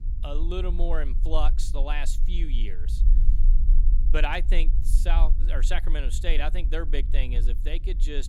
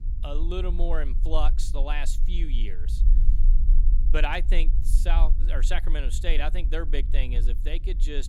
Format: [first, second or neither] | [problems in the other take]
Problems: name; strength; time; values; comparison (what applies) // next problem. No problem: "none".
neither | low rumble; noticeable; throughout; 15 dB below the speech; the same in both